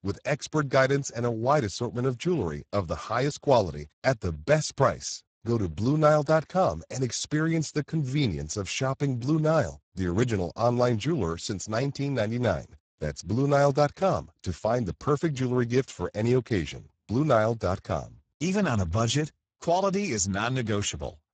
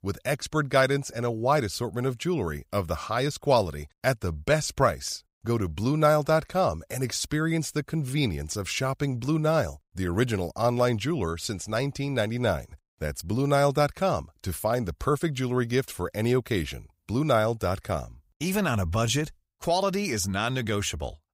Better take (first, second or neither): second